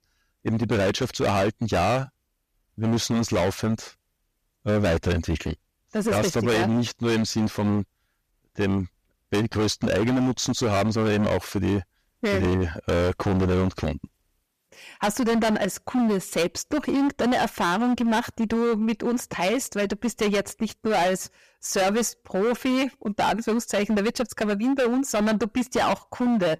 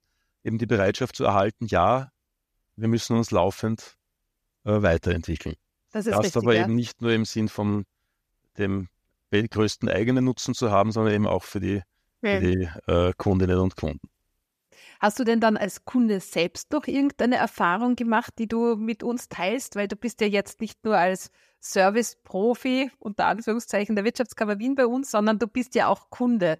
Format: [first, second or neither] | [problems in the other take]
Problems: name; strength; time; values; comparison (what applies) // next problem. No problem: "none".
second | distortion; heavy; 19% of the sound clipped